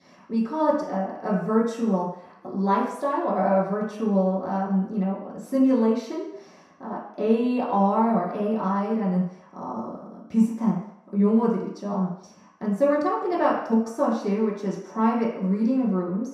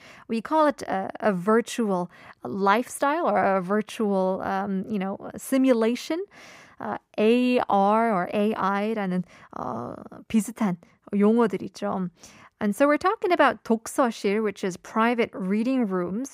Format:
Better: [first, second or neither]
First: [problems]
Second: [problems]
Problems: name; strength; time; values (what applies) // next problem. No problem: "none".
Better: second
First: room echo; noticeable; dies away in 0.7 s // off-mic speech; far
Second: none